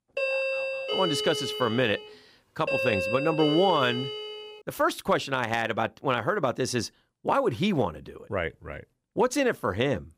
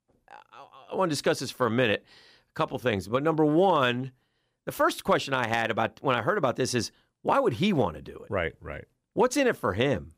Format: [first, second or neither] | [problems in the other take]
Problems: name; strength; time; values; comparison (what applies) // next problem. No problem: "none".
second | doorbell; loud; until 4.5 s; peak 1 dB above the speech